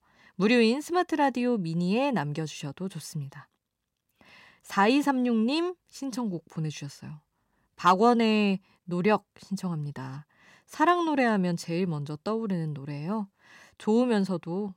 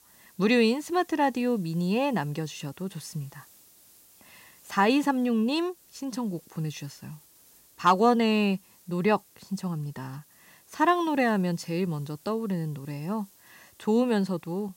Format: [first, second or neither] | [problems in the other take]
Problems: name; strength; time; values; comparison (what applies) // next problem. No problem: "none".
first | hiss; faint; throughout; 25 dB below the speech